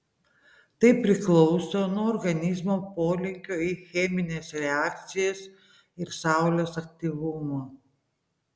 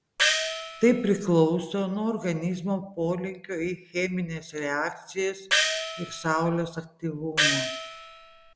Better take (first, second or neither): first